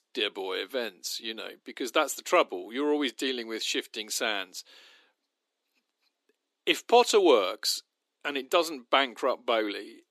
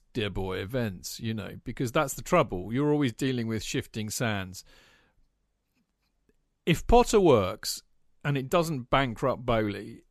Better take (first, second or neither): second